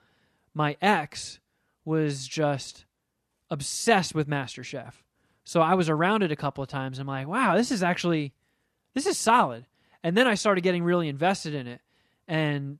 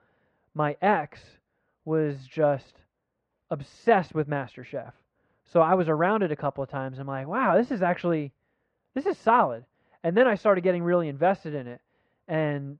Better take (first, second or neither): first